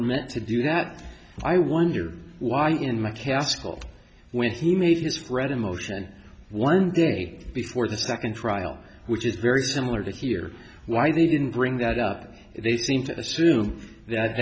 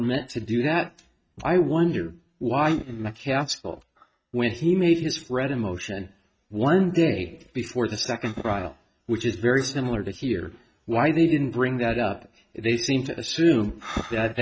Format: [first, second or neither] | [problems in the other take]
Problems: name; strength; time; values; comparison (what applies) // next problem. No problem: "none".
first | noise reduction (neural mask model RNNoise)